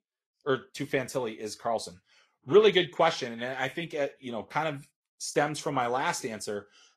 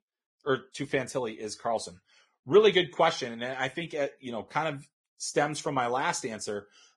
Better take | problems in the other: first | garbled, watery; badly; nothing above 10 kHz; slightly in the first

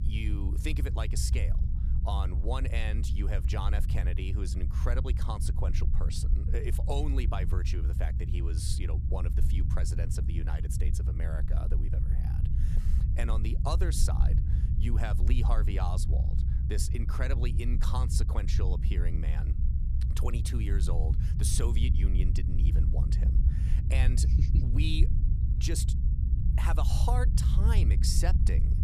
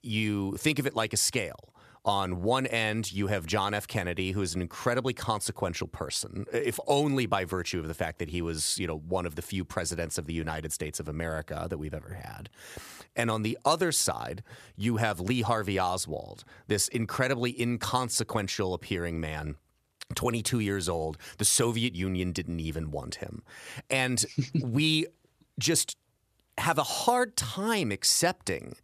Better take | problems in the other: second | low rumble; loud; throughout; 6 dB below the speech

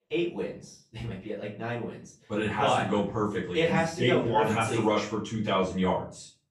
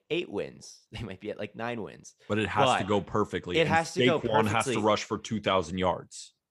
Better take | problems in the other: second | off-mic speech; far // room echo; slight; dies away in 0.3 s

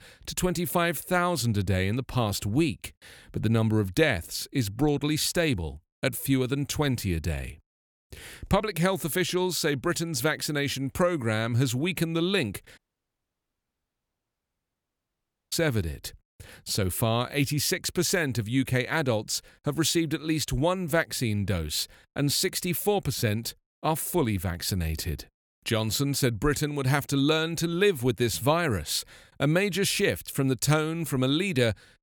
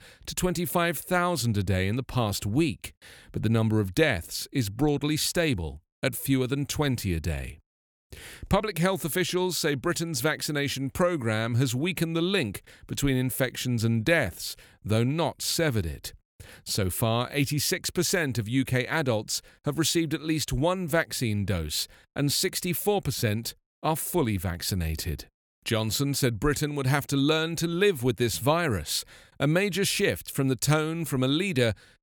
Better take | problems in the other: second | audio cutting out; at 13 s for 2.5 s

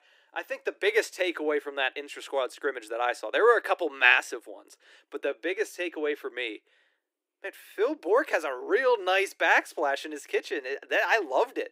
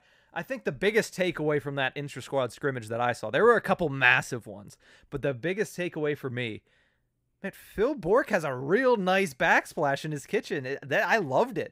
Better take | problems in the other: second | thin; very; fading below 300 Hz

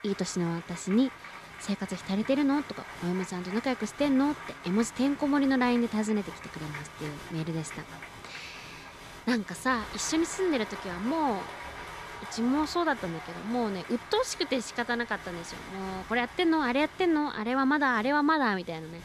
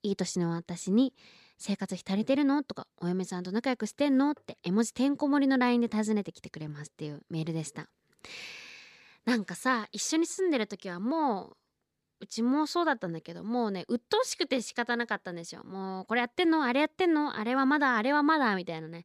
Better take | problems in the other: second | crowd noise; noticeable; throughout; 15 dB below the speech

